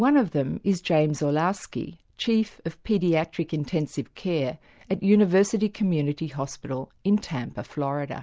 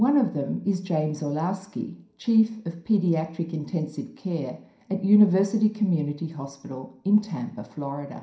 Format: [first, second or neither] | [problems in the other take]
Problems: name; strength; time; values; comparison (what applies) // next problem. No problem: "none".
first | room echo; dies away in 0.5 s